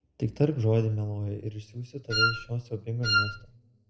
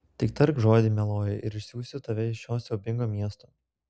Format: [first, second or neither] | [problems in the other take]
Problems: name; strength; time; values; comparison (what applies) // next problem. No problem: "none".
second | background sound (Wind instrument, woodwind instrument); 2 dB above the speech // room echo; dies away in 0.9 s